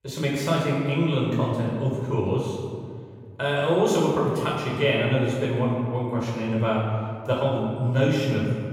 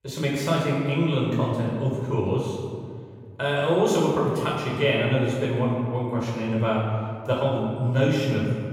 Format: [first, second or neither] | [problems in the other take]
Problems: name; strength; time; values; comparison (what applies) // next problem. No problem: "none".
neither | off-mic speech; far; the same in both // room echo; noticeable; dies away in 2 s; the same in both